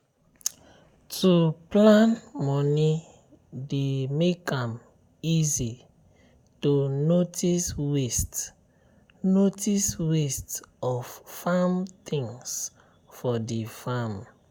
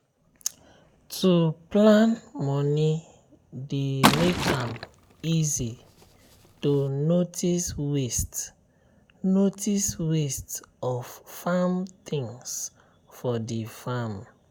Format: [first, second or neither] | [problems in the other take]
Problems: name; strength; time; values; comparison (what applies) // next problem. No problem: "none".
first | background sound (Liquid); 2 dB below the speech